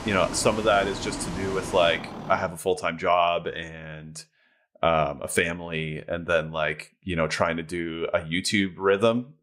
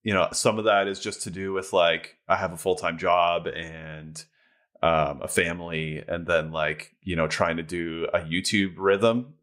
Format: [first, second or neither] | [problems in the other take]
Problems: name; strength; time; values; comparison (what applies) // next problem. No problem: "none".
second | traffic noise; loud; until 2.5 s; 10 dB below the speech